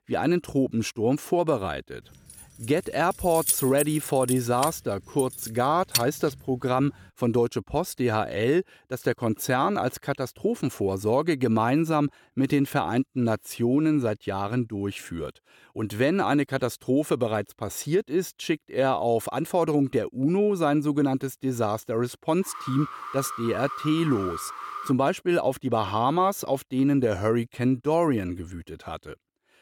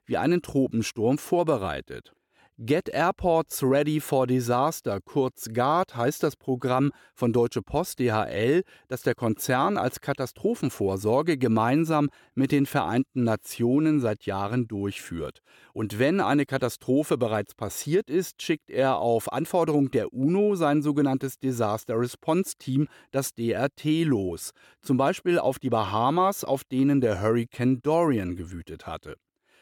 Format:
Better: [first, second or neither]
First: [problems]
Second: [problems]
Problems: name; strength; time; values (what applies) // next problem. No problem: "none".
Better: second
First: jangling keys; loud; from 2.5 to 6 s; peak 1 dB above the speech // alarm; noticeable; from 22 to 25 s; peak 9 dB below the speech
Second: none